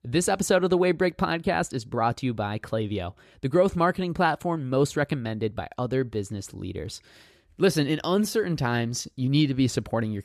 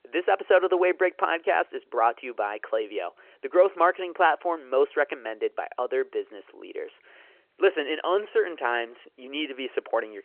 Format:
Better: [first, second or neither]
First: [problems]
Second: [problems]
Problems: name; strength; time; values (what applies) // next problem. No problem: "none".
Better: first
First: none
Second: phone-call audio